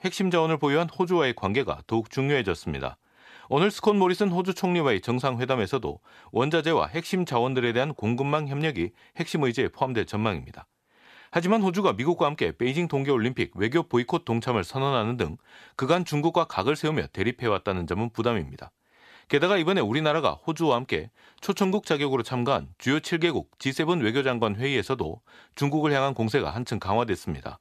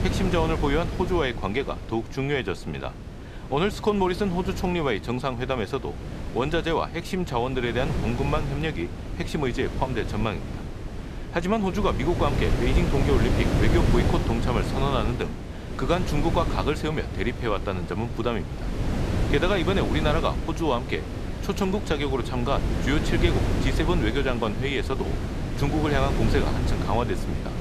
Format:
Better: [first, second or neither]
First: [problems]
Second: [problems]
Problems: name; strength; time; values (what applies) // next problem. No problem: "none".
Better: first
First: none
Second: wind noise on the microphone; heavy; 7 dB below the speech